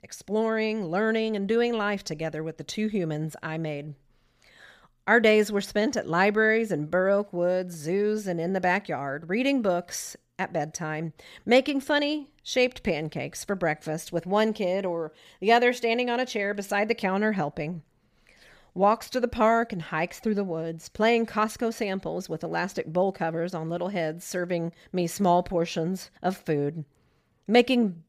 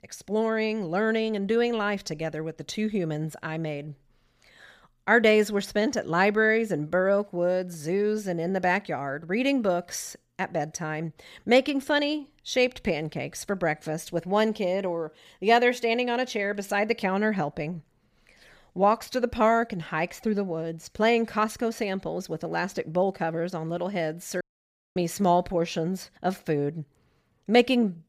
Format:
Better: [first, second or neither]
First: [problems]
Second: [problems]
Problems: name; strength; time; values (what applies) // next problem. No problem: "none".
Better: first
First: none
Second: audio cutting out; at 24 s for 0.5 s